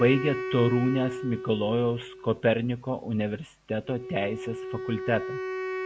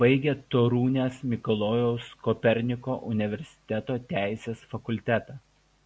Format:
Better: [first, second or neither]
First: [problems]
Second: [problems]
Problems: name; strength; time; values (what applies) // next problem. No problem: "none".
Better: second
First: background sound (Wind instrument, woodwind instrument); 8 dB below the speech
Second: none